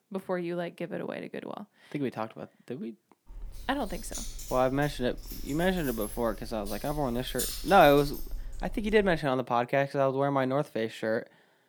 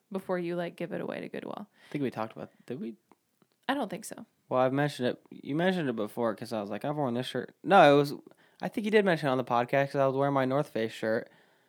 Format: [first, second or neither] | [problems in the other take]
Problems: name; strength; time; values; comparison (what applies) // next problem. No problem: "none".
second | jangling keys; noticeable; from 3.5 to 9 s; peak 4 dB below the speech